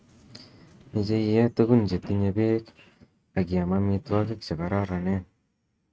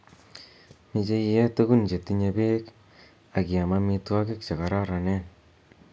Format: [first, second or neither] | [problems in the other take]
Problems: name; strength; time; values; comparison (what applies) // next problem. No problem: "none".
second | noise reduction (neural mask model RNNoise)